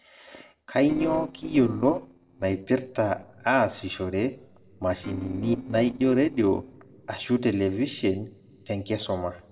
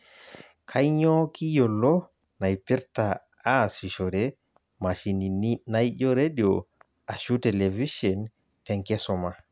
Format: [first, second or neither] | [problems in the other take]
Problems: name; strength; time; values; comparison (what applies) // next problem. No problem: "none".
second | noise reduction (neural separator model SepFormer DNS4)